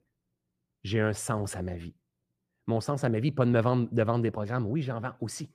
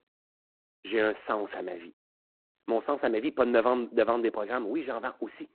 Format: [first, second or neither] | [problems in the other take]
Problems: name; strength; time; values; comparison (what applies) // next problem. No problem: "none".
first | phone-call audio; poor line; nothing above 4 kHz